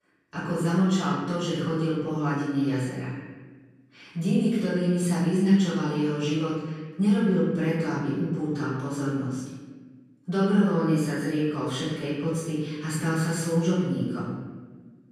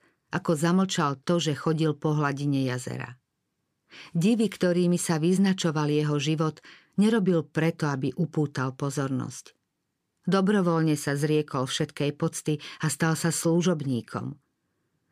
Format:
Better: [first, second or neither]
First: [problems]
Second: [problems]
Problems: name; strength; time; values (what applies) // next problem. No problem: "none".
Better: second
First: room echo; strong; dies away in 1.2 s // off-mic speech; far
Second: none